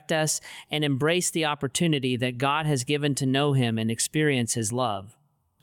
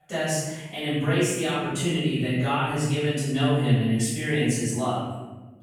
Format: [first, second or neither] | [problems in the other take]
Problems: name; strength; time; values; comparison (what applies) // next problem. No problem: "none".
first | off-mic speech; far // room echo; strong; dies away in 1.1 s